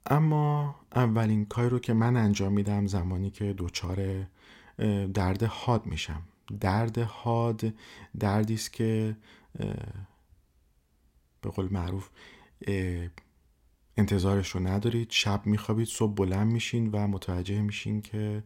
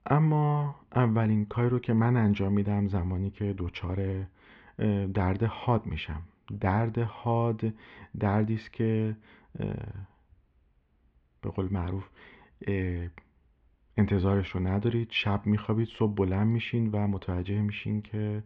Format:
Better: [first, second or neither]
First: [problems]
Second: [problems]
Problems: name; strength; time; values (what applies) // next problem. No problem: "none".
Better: first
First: none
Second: muffled; very; fading above 3 kHz